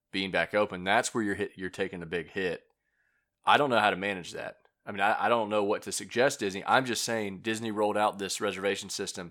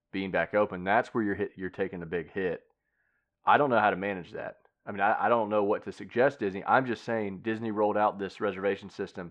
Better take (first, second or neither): first